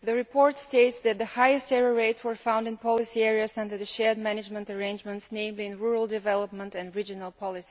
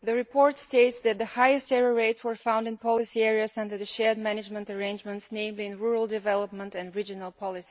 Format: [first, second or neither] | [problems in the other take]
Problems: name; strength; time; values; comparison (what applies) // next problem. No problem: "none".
first | noise reduction (neural mask model Resemble Enhance denoiser)